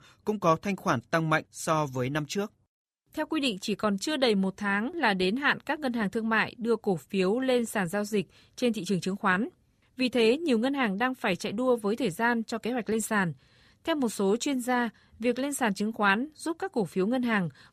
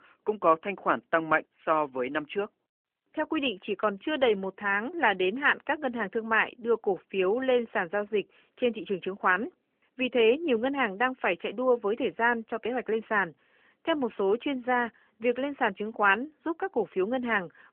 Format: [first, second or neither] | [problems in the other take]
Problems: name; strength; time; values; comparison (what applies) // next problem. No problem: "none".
first | phone-call audio; nothing above 3 kHz